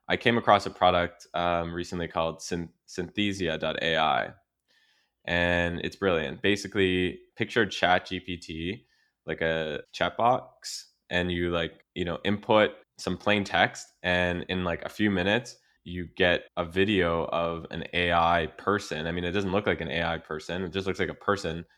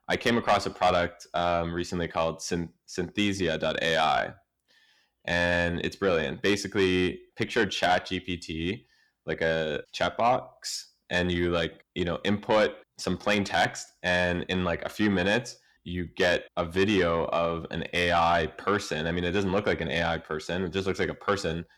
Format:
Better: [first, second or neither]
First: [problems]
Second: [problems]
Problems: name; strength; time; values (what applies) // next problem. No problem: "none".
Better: first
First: none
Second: distortion; slight; 10 dB below the speech